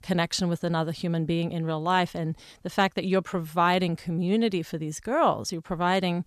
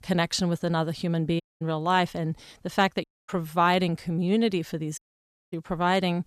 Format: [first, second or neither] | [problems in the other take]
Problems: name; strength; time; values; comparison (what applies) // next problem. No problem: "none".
first | audio cutting out; at 1.5 s, at 3 s and at 5 s for 0.5 s